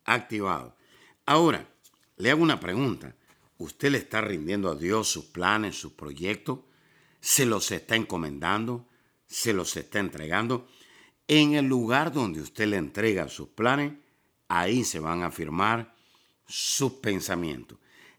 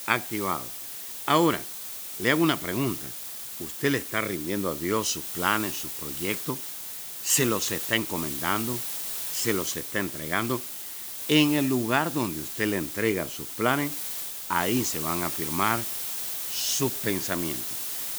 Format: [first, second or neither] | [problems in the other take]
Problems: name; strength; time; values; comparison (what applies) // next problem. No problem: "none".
first | hiss; loud; throughout; 4 dB below the speech